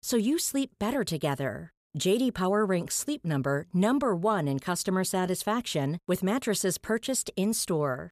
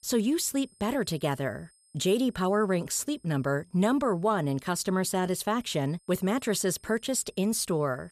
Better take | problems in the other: first | high-pitched whine; faint; throughout; 8.5 kHz, 35 dB below the speech

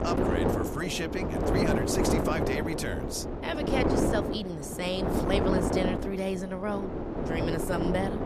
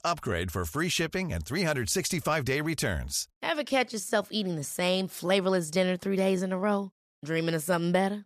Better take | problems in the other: second | wind noise on the microphone; heavy; 2 dB above the speech

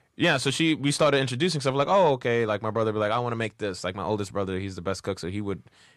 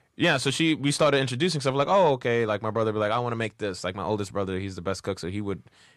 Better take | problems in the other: neither | none

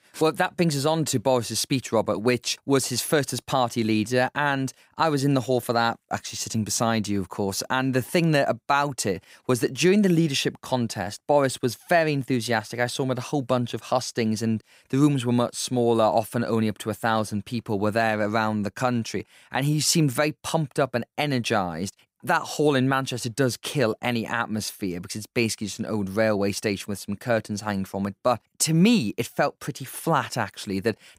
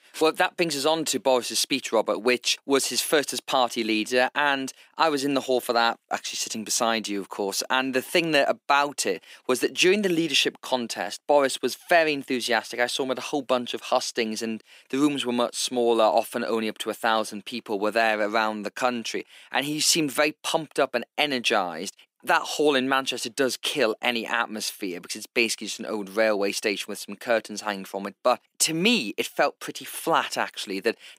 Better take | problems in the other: first | thin; very slightly; fading below 300 Hz

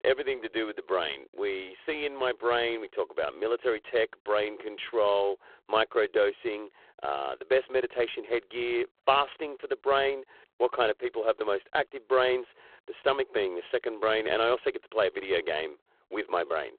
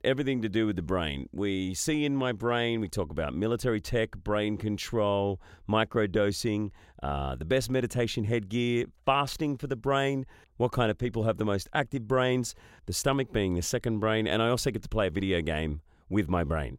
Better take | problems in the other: second | phone-call audio; poor line

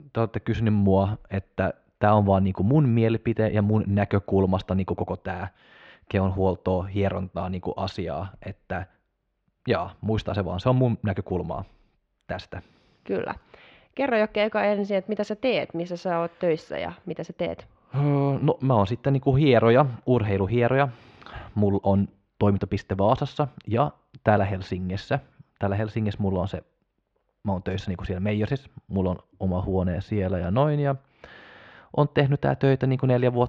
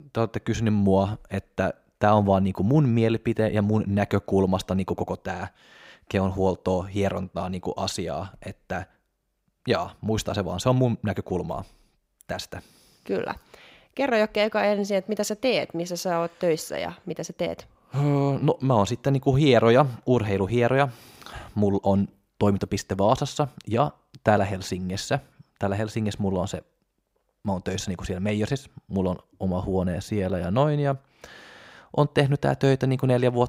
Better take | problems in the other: second | muffled; slightly; fading above 3.5 kHz

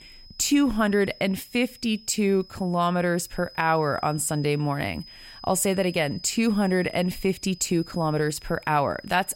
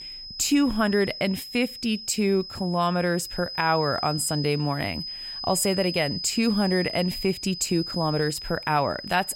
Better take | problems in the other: first | high-pitched whine; loud; throughout; 5 kHz, 8 dB below the speech; faint in the first

